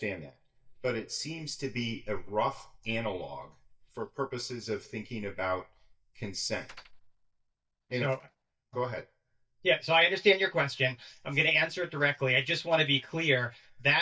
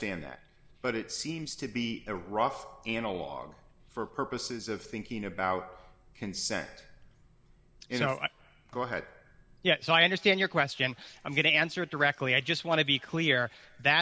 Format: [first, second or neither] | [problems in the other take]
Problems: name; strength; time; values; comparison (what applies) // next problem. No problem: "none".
second | noise reduction (neural mask model DeepFilterNet 3)